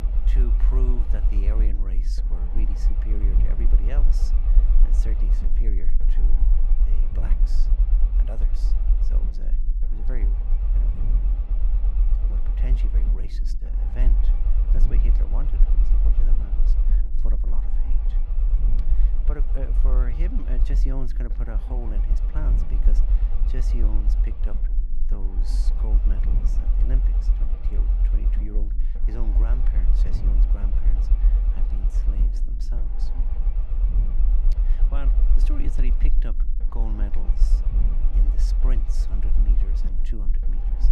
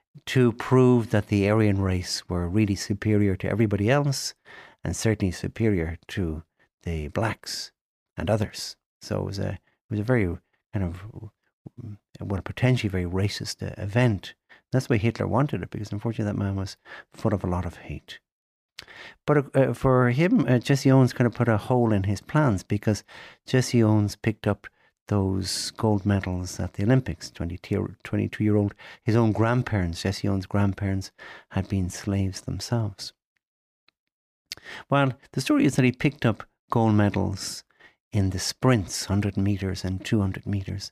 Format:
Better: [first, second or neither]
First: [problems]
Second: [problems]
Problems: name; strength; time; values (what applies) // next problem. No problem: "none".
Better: second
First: low rumble; loud; throughout; 2 dB below the speech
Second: none